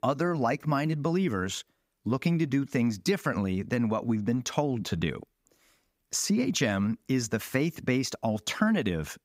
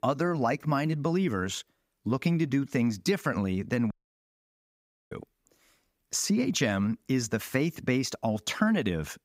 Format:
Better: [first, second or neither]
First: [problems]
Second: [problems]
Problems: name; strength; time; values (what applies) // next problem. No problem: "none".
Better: first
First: none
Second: audio cutting out; at 4 s for 1 s